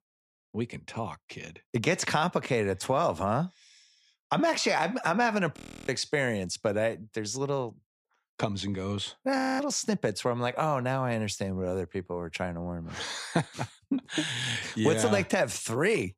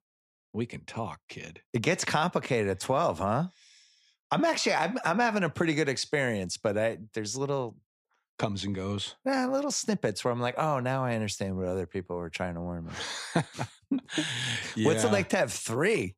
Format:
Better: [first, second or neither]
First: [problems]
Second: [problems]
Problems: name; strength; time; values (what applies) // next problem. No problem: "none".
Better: second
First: audio freezing; at 5.5 s and at 9.5 s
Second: none